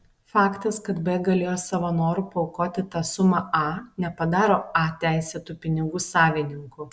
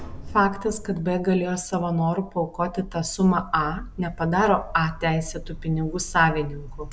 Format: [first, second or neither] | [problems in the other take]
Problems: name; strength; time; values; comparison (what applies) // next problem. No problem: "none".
first | background sound (Sliding door); 14 dB below the speech